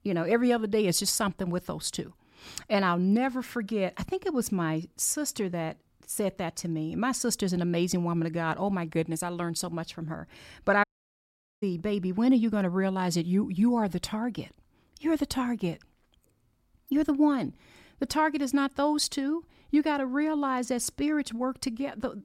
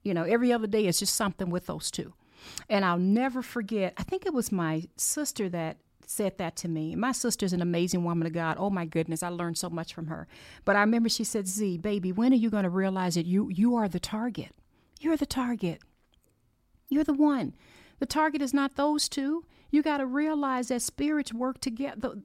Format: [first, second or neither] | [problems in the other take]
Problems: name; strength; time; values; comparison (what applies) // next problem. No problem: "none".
second | audio cutting out; at 11 s for 1 s